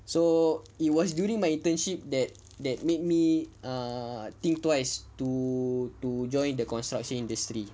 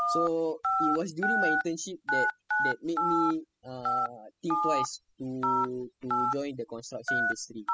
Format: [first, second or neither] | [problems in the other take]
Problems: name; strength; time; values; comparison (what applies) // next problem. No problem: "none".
first | noise reduction (classical method spectral subtraction)